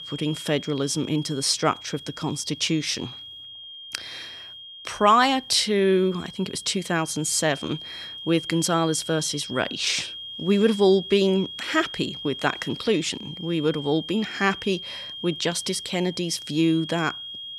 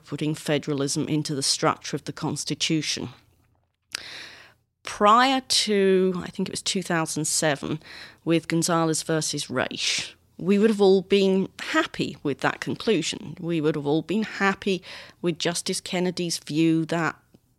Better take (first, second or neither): second